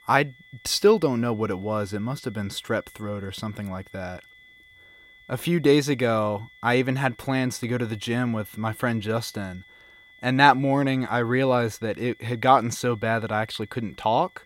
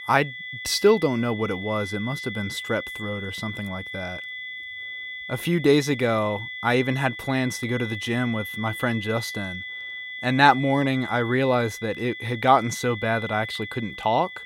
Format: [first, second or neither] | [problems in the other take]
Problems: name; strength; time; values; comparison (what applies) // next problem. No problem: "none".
first | high-pitched whine; loud; throughout; 2 kHz, 9 dB below the speech; faint in the first